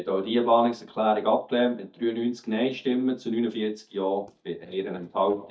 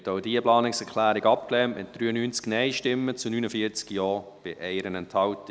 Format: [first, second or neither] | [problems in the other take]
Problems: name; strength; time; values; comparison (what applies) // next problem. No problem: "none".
second | noise reduction (neural mask model DeepFilterNet 3)